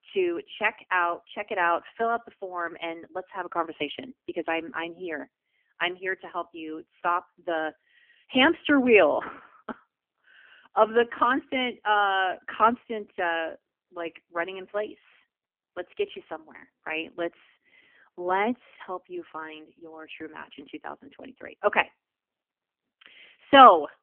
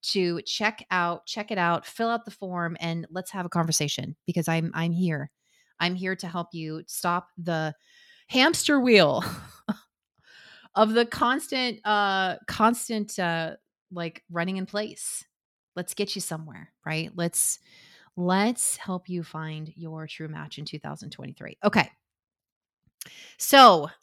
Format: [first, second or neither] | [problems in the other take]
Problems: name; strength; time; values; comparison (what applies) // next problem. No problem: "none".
second | phone-call audio; poor line; nothing above 3 kHz